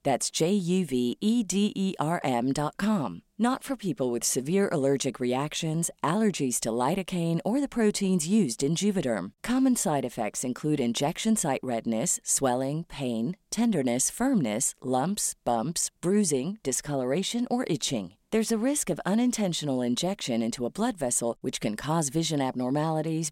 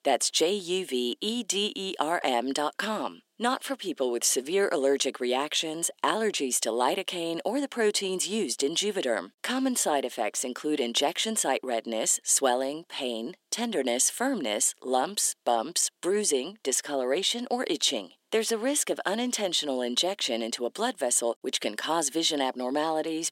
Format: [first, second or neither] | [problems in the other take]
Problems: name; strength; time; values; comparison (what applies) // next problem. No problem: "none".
first | thin; somewhat; fading below 300 Hz